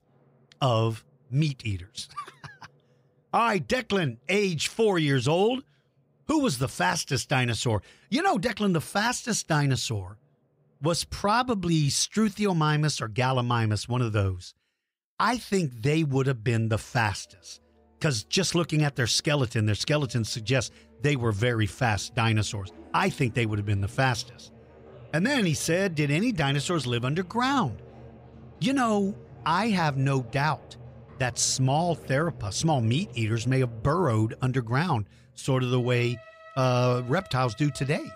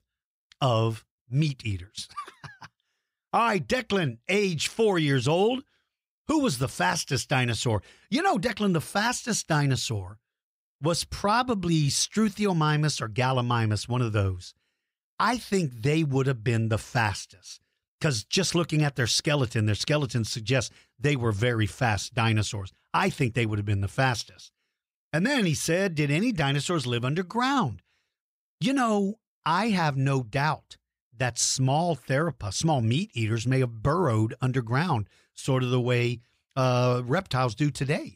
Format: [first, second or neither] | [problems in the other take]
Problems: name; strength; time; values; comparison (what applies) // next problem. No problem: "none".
second | background music; faint; throughout; 20 dB below the speech